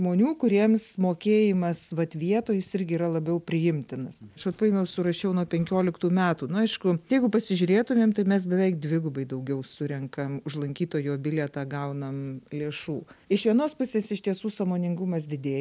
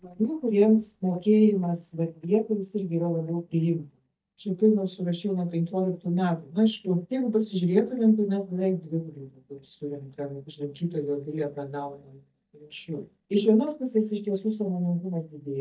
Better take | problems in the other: first | noise reduction (neural mask model DeepFilterNet 3)

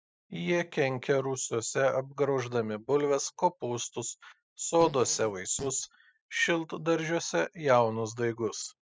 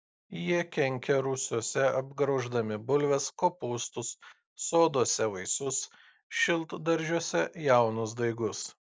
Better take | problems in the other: second | noise reduction (classical method spectral subtraction)

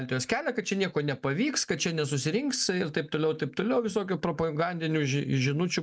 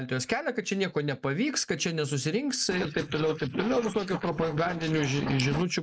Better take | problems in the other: first | noise reduction (neural mask model Resemble Enhance denoiser)

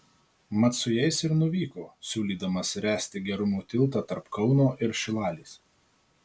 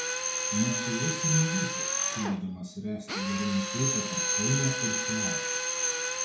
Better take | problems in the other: first | background sound (Drill); 1 dB above the speech // room echo; dies away in 0.6 s

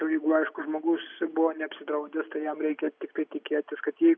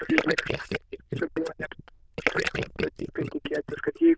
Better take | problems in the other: first | noise reduction (neural diffusion model UNIVERSE++)

